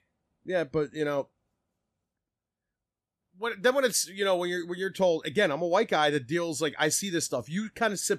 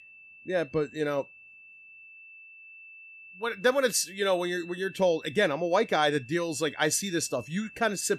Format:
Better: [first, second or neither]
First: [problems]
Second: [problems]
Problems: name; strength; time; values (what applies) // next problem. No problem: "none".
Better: first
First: none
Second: high-pitched whine; noticeable; throughout; 2.5 kHz, 20 dB below the speech